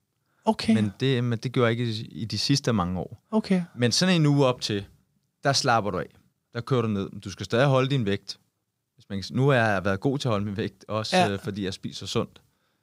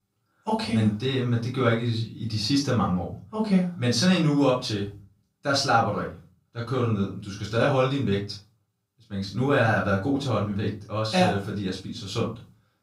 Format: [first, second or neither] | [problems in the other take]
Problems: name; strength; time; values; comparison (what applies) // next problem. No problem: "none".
first | off-mic speech; far // room echo; slight; dies away in 0.3 s